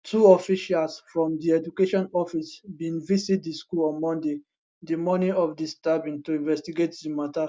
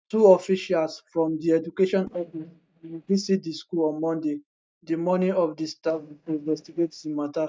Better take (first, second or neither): first